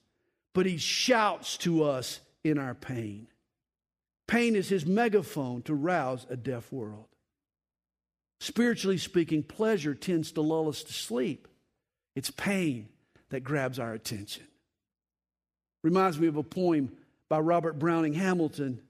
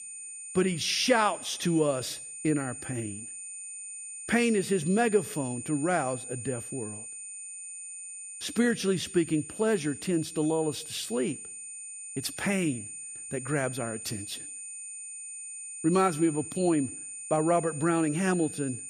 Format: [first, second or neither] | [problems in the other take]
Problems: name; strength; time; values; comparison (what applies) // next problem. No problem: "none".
first | high-pitched whine; loud; throughout; 9 kHz, 9 dB below the speech